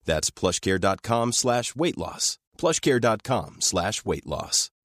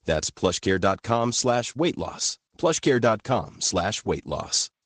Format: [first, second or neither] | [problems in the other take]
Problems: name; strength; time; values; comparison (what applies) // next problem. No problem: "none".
first | garbled, watery; slightly